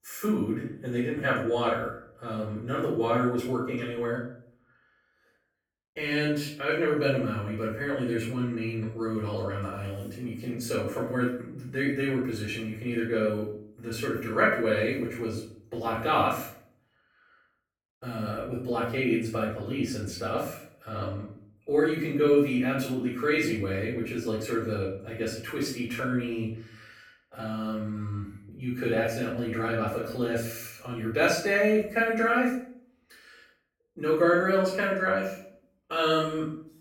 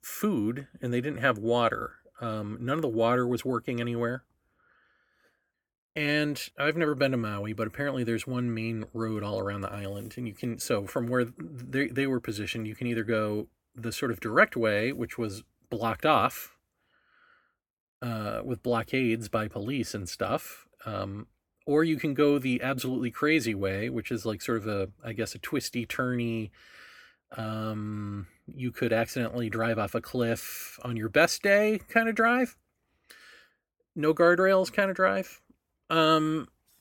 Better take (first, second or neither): second